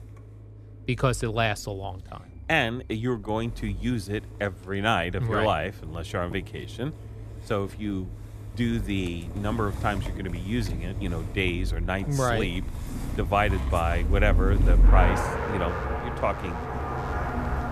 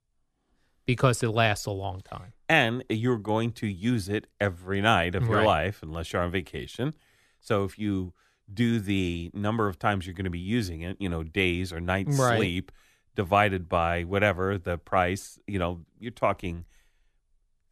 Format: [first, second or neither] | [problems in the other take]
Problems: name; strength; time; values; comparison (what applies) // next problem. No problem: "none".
second | traffic noise; loud; throughout; 2 dB below the speech